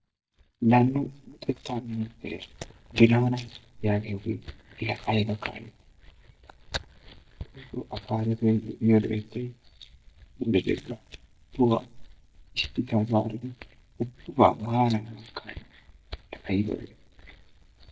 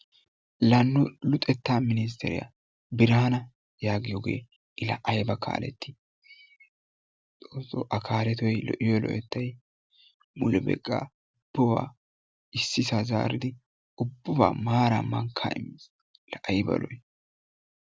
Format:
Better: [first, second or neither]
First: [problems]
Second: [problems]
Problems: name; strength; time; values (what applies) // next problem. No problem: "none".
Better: second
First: noise reduction (neural mask model DeepFilterNet 3)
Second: none